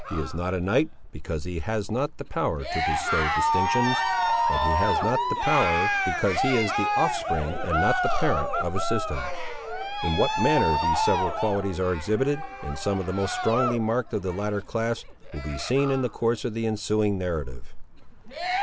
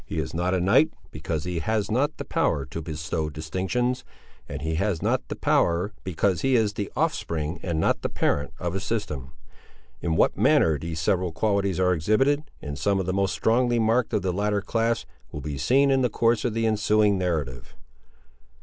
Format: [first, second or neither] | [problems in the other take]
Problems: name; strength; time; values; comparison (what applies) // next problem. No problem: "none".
second | background sound (Cheering); 2 dB below the speech